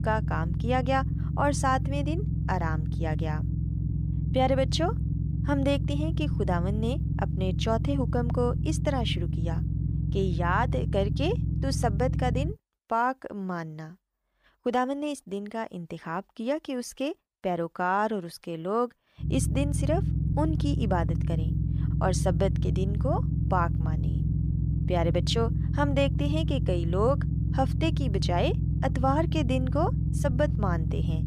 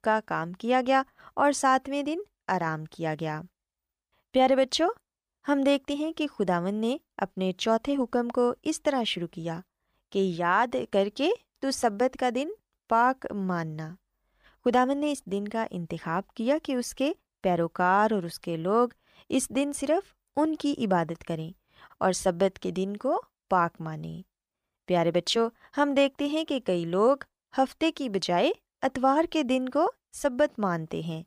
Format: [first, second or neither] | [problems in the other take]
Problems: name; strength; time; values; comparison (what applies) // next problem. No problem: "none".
second | low rumble; noticeable; until 13 s and from 19 s on; 10 dB below the speech